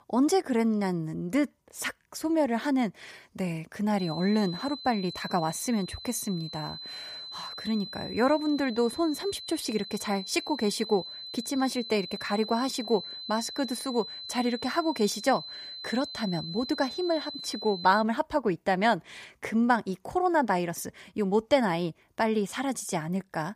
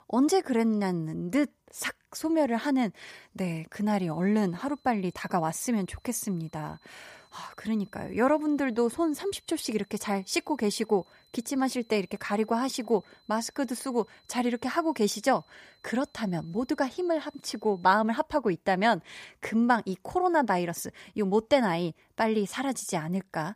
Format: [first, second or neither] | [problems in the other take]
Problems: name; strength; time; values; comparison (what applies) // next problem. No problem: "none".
second | high-pitched whine; loud; from 4 to 18 s; 4 kHz, 10 dB below the speech; faint in the second